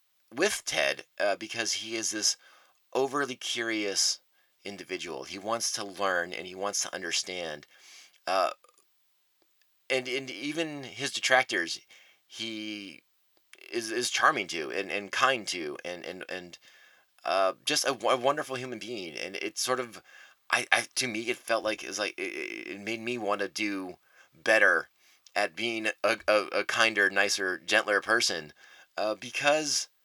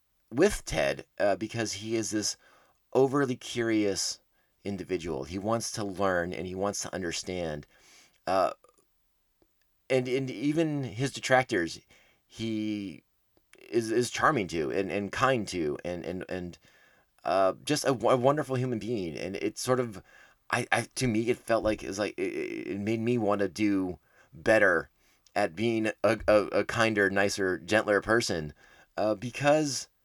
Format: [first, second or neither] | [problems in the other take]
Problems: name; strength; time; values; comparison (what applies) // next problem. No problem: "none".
second | thin; somewhat; fading below 900 Hz